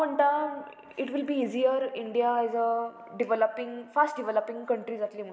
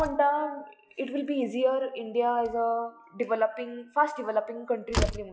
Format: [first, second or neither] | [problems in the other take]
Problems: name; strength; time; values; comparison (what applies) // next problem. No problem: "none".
first | noise reduction (classical method log-MMSE)